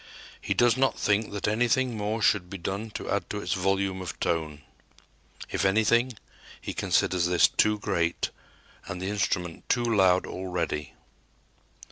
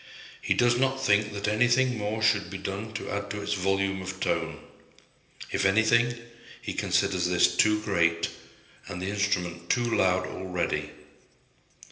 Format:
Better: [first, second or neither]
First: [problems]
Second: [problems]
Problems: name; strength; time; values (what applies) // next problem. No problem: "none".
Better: first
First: none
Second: room echo; dies away in 1.4 s